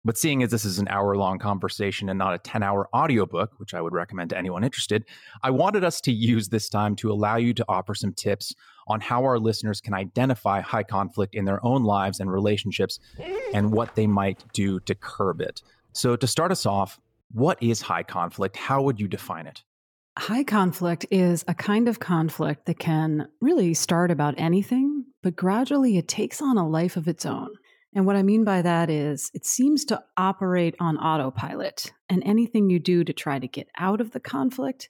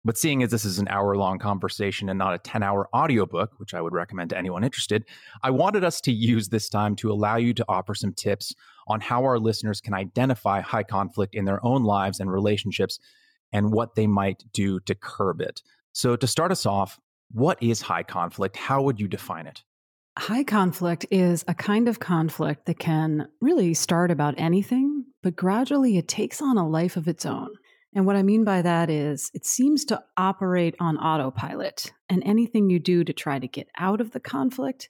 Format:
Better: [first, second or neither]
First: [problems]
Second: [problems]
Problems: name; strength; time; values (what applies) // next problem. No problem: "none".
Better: second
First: dog barking; noticeable; at 13 s; peak 7 dB below the speech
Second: none